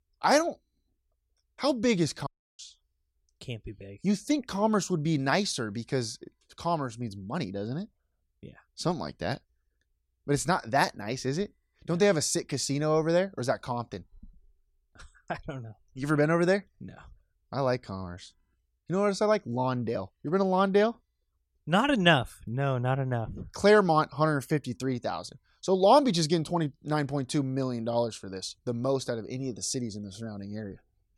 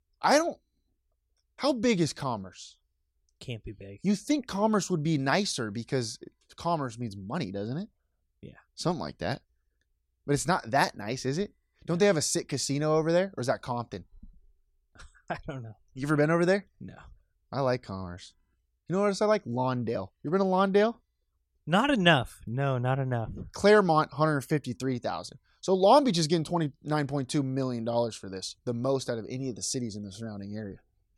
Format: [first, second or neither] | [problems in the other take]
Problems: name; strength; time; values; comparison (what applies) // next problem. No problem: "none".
second | audio cutting out; at 2.5 s